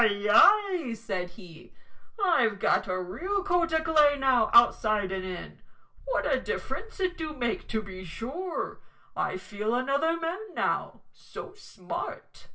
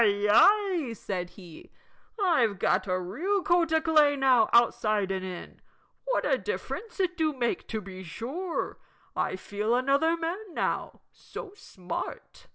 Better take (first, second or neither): second